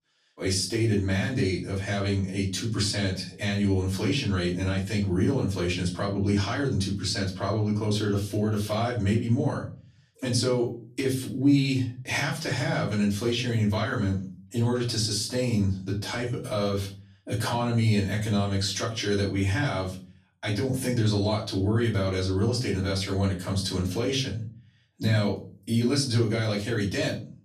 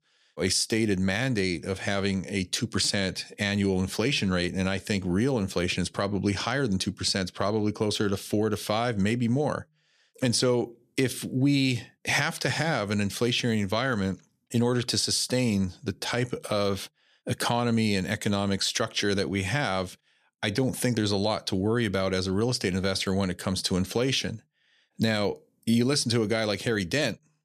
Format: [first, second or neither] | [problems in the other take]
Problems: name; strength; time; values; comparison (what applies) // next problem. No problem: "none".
second | off-mic speech; far // room echo; slight; dies away in 0.4 s